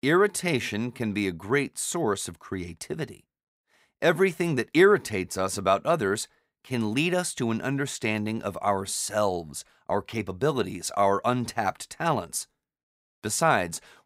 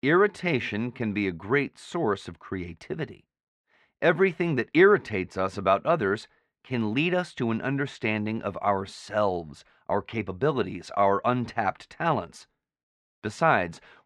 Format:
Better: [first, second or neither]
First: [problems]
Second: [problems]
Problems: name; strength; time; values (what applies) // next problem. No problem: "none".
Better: first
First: none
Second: muffled; slightly; fading above 2.5 kHz